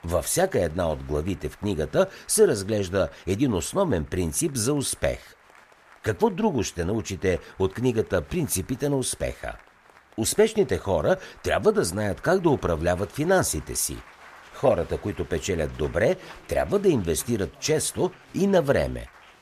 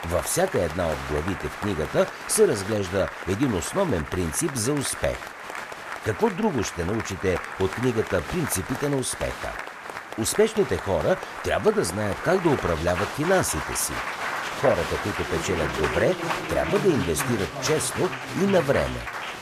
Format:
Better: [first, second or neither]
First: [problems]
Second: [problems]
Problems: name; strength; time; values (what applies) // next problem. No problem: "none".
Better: first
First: crowd noise; faint; throughout; 25 dB below the speech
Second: crowd noise; loud; throughout; 6 dB below the speech